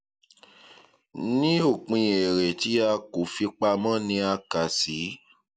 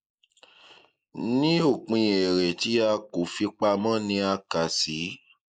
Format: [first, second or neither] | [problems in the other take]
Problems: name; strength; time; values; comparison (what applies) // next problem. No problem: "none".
first | noise reduction (neural mask model Resemble Enhance denoiser)